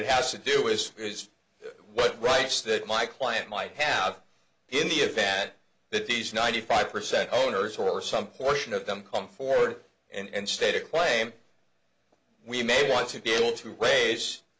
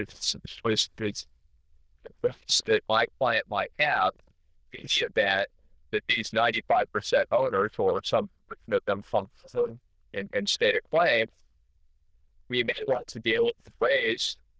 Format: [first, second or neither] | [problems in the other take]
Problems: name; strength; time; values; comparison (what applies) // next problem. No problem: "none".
first | noise reduction (neural diffusion model UNIVERSE++)